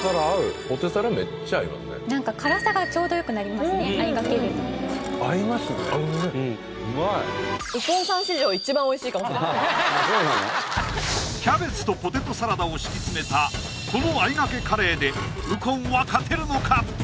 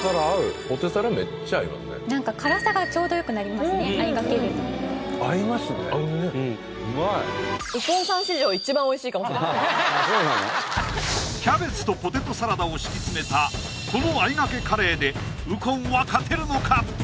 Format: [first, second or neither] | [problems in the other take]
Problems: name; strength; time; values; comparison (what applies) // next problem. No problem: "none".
second | background sound (Dishes, pots, and pans / Glass); 15 dB below the speech